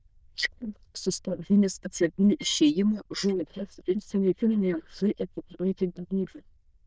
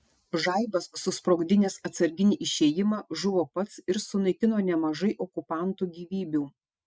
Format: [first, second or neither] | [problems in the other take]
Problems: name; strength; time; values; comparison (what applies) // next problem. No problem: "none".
second | noise reduction (neural diffusion model UNIVERSE++)